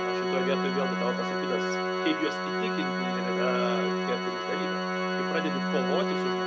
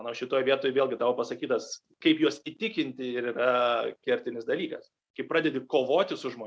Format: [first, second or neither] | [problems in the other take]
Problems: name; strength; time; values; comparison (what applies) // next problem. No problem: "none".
second | background sound (Organ); 5 dB above the speech